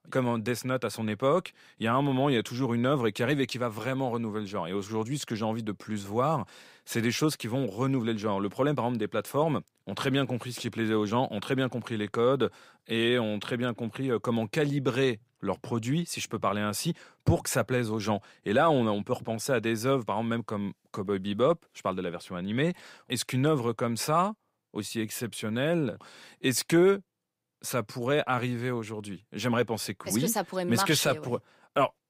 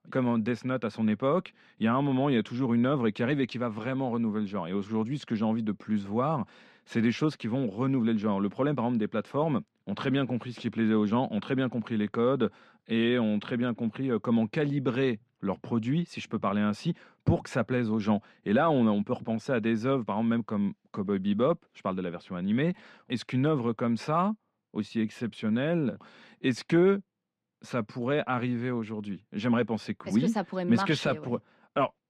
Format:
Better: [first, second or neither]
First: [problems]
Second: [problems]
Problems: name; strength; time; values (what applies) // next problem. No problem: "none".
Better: first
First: none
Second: muffled; slightly; fading above 3.5 kHz